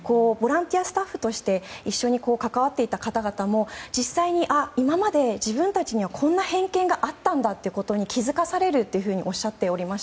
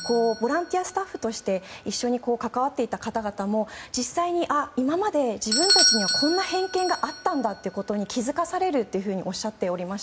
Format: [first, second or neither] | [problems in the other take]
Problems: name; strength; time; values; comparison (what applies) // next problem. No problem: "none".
first | background sound (Bell / Doorbell); 5 dB below the speech